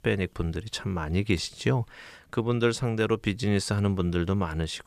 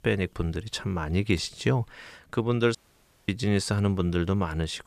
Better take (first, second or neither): first